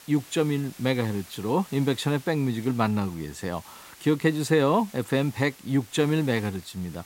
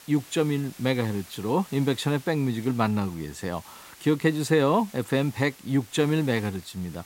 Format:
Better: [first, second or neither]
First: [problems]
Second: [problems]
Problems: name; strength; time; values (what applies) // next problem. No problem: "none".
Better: neither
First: hiss; faint; throughout; 20 dB below the speech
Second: hiss; faint; throughout; 20 dB below the speech